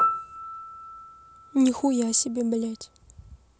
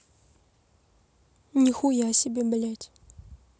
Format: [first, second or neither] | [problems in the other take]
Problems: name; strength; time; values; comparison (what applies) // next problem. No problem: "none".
second | background sound (Piano); 6 dB below the speech